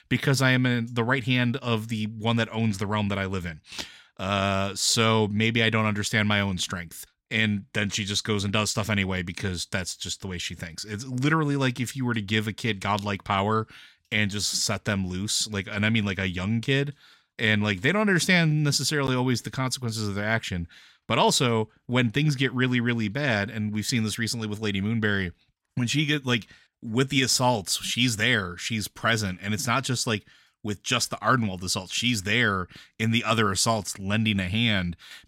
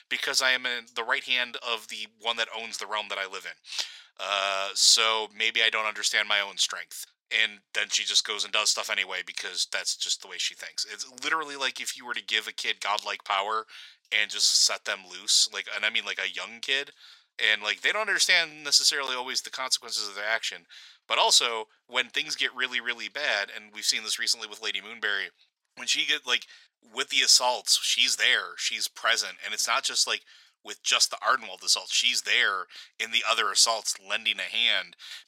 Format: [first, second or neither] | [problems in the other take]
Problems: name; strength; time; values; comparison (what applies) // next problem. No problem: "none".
first | thin; very; fading below 550 Hz